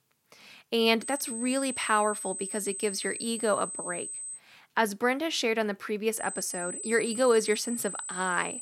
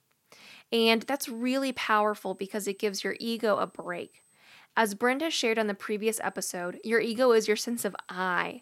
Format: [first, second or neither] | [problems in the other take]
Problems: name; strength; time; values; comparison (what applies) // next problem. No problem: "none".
second | high-pitched whine; loud; from 1 to 4.5 s and from 6 s on; 8 kHz, 6 dB below the speech; faint in the second